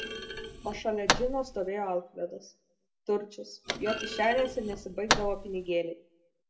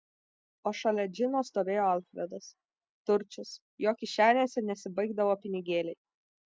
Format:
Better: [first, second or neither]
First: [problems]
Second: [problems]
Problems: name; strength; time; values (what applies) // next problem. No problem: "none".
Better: second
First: background sound (Thump, thud); 3 dB below the speech // room echo; dies away in 0.4 s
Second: none